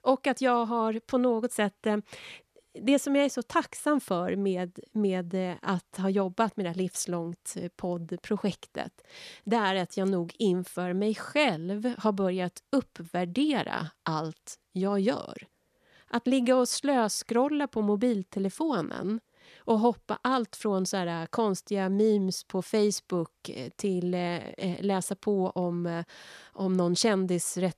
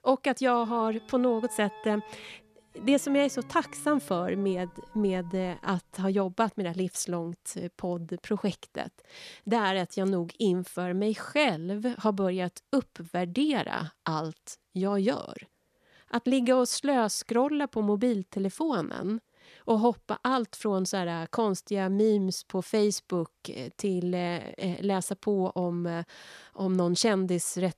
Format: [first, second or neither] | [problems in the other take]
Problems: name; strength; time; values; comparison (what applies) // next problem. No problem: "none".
first | background music; faint; until 5.5 s; 20 dB below the speech